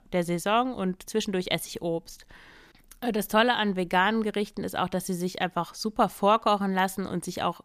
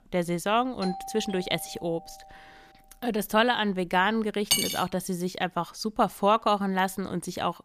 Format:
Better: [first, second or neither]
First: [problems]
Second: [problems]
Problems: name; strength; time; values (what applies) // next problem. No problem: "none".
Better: first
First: none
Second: doorbell; faint; from 1 to 2.5 s; peak 10 dB below the speech // clattering dishes; loud; at 4.5 s; peak 3 dB above the speech